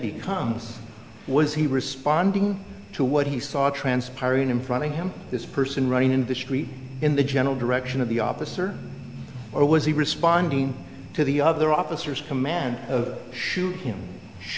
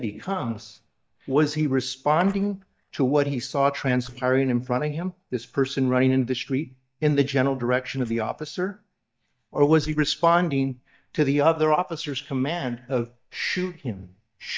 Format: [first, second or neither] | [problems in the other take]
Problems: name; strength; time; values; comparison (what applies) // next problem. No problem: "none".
first | noise reduction (neural mask model DeepFilterNet 3)